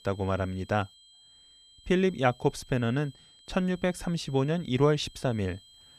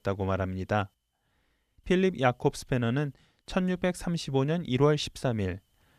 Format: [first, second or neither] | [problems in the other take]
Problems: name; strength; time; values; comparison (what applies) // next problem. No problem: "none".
second | high-pitched whine; faint; throughout; 3 kHz, 25 dB below the speech